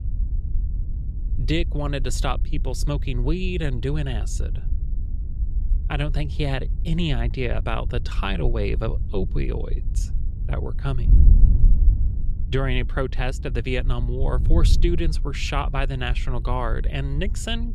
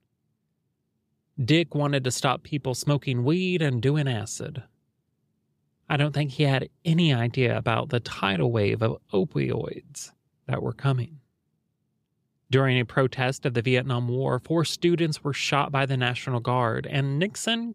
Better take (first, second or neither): second